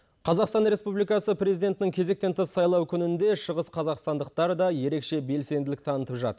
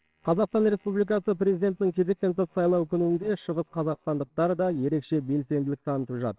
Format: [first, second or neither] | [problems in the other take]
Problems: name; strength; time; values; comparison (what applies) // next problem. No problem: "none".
first | noise reduction (neural separator model SepFormer WHAMR!)